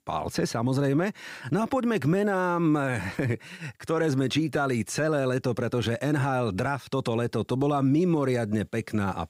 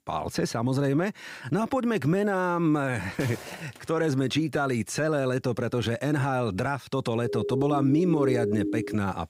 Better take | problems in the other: first | footsteps; faint; at 3 s; peak 10 dB below the speech // siren; noticeable; from 7 s on; peak 2 dB below the speech

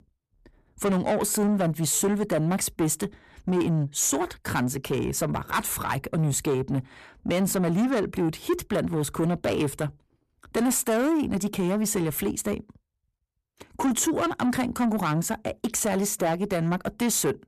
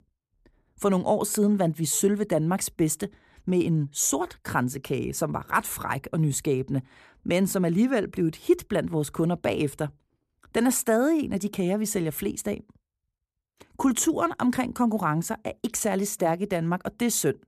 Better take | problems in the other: second | distortion; slight; 10 dB below the speech

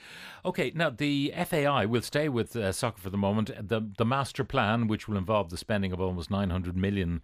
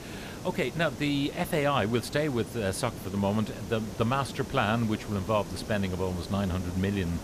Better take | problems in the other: first | hiss; noticeable; throughout; 10 dB below the speech

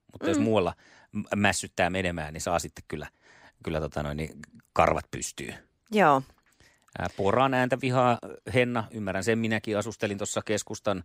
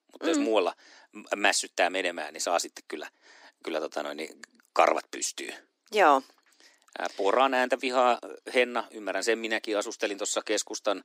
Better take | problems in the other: first | thin; somewhat; fading below 300 Hz

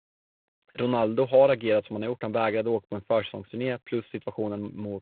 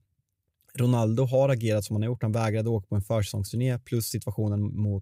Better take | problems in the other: second | phone-call audio; poor line; nothing above 4 kHz

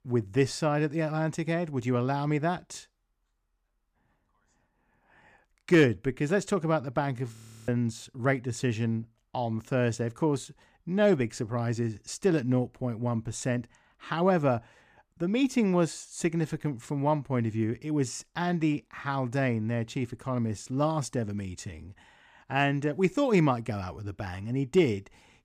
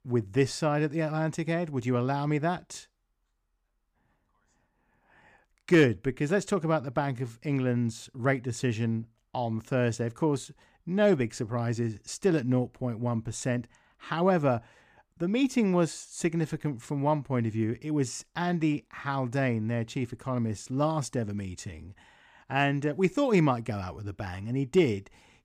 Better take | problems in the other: second | audio freezing; at 7.5 s

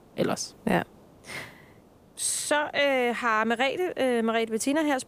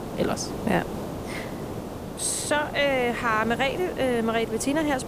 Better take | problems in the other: first | hiss; loud; throughout; 9 dB below the speech; faint in the first

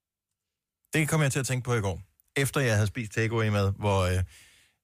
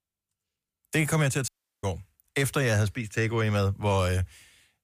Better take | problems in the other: first | audio cutting out; at 1.5 s

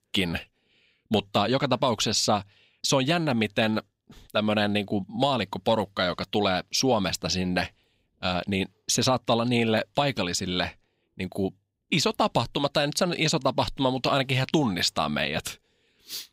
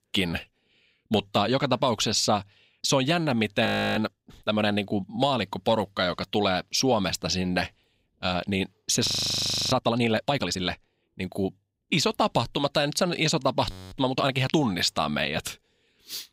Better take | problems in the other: first | audio freezing; at 3.5 s, at 9 s for 0.5 s and at 14 s

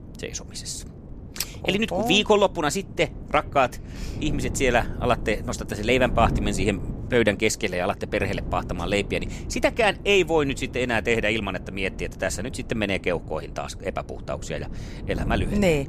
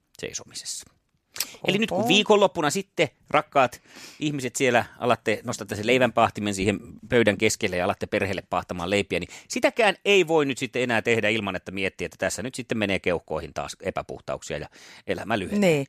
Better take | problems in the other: second | wind noise on the microphone; occasional gusts; 20 dB below the speech

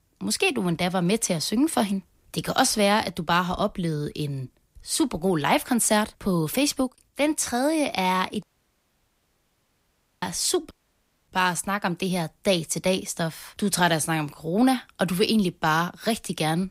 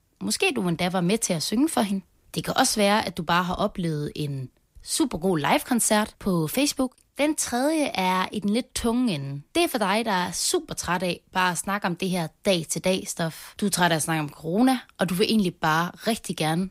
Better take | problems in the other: second | audio cutting out; at 8.5 s for 2 s and at 11 s for 0.5 s

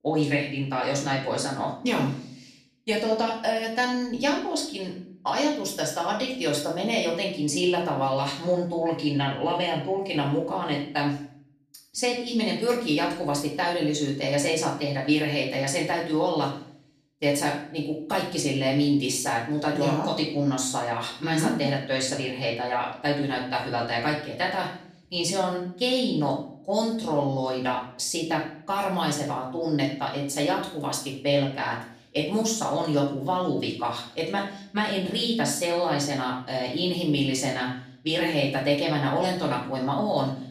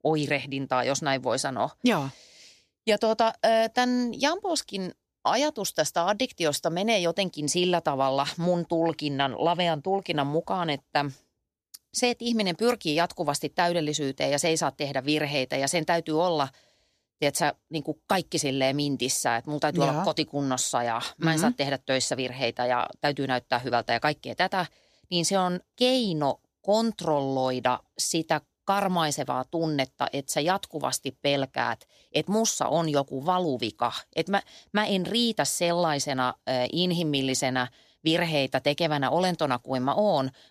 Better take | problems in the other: second | room echo; noticeable; dies away in 0.5 s // off-mic speech; far

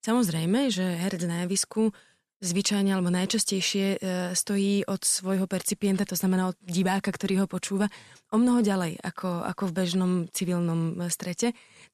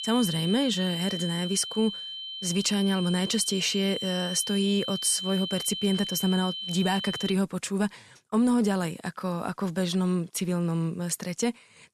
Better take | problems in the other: first | high-pitched whine; loud; until 7.5 s; 3 kHz, 5 dB below the speech

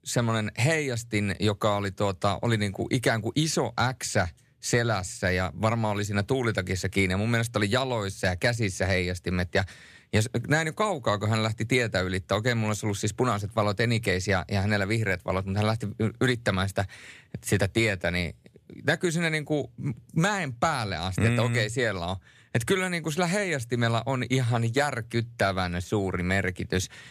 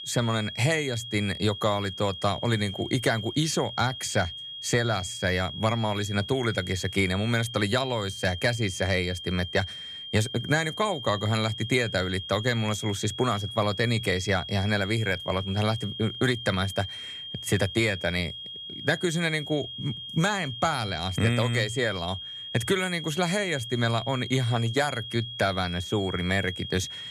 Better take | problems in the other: first | high-pitched whine; loud; throughout; 3.5 kHz, 9 dB below the speech

